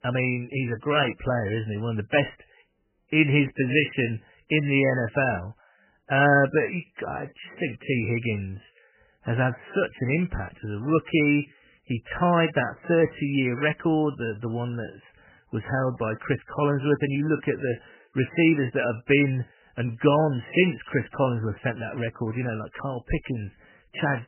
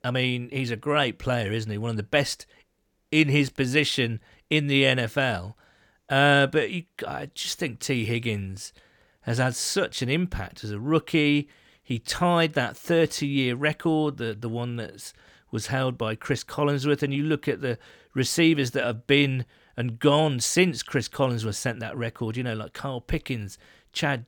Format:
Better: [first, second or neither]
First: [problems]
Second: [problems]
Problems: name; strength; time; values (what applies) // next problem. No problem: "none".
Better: second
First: garbled, watery; badly; nothing above 3 kHz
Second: none